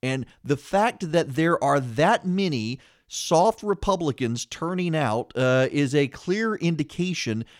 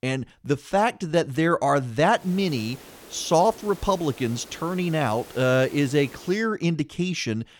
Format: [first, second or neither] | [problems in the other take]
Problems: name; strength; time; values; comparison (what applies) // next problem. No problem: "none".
first | hiss; noticeable; from 2 to 6.5 s; 20 dB below the speech